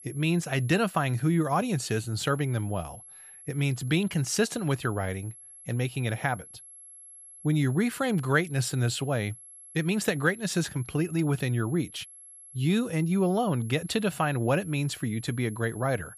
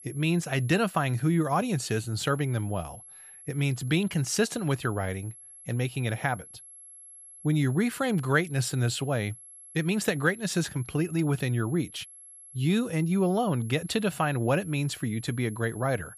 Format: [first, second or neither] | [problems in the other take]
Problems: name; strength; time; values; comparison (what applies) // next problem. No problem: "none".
neither | high-pitched whine; noticeable; throughout; 11 kHz, 20 dB below the speech; the same in both